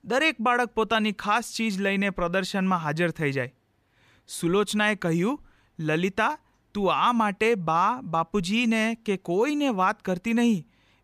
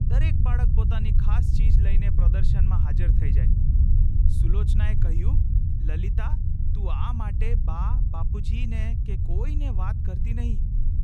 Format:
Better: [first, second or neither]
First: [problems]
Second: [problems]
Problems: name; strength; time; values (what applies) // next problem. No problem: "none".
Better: first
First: none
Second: low rumble; loud; throughout; 1 dB below the speech